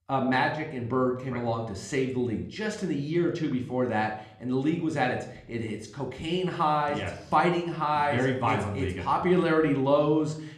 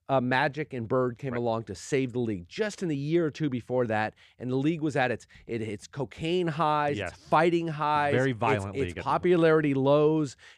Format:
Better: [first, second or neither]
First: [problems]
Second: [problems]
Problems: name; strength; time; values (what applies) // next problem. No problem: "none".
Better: second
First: room echo; slight; dies away in 0.5 s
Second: none